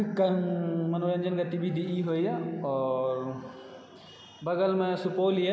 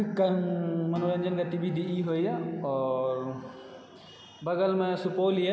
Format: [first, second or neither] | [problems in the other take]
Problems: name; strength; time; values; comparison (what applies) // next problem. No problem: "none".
first | background sound (Acoustic guitar); 20 dB below the speech